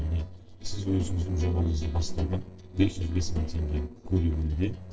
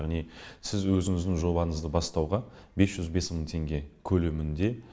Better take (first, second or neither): second